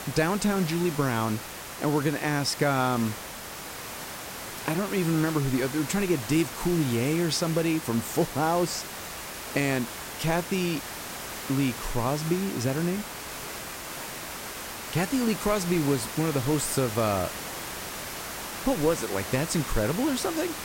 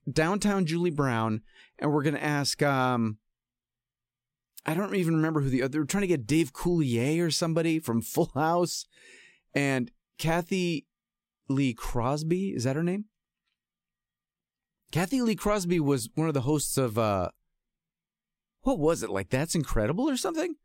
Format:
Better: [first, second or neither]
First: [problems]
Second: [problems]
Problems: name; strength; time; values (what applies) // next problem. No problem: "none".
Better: second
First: hiss; loud; throughout; 8 dB below the speech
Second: none